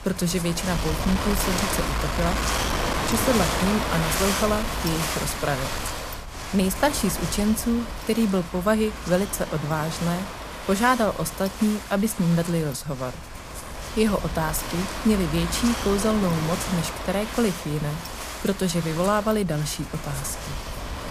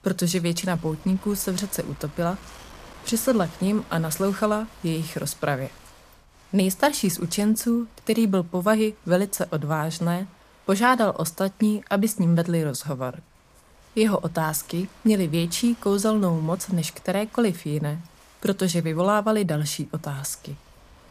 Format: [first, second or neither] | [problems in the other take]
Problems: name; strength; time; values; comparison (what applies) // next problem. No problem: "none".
second | wind noise on the microphone; heavy; 2 dB below the speech; occasional gusts in the second